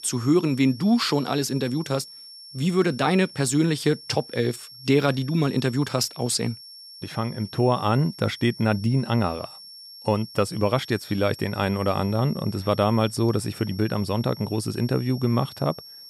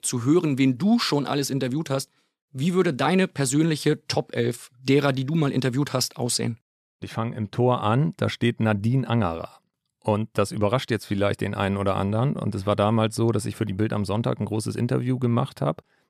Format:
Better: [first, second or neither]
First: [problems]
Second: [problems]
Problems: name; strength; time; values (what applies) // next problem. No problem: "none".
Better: second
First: high-pitched whine; noticeable; throughout; 5.5 kHz, 15 dB below the speech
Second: none